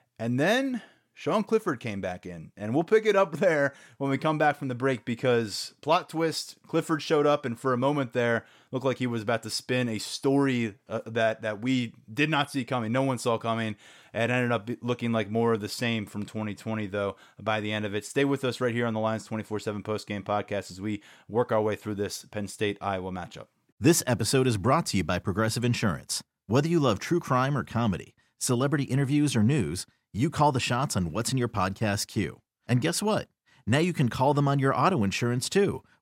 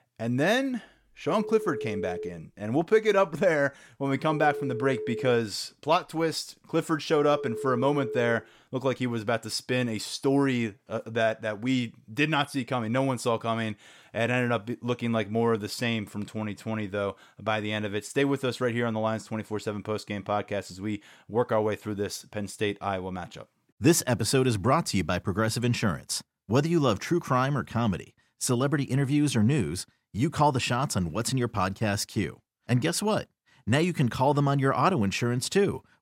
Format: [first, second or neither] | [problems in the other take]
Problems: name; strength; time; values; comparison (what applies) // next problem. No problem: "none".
first | phone ringing; noticeable; from 1.5 to 8.5 s; peak 7 dB below the speech